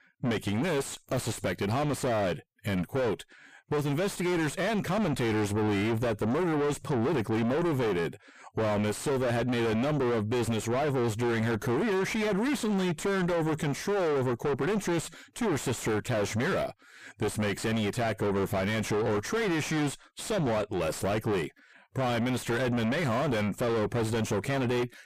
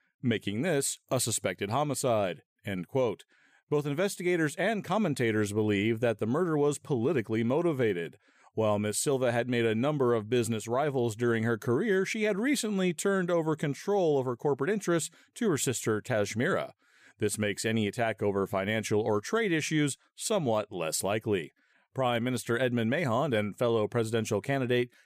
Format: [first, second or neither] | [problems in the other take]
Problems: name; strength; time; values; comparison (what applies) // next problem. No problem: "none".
second | distortion; heavy; 5 dB below the speech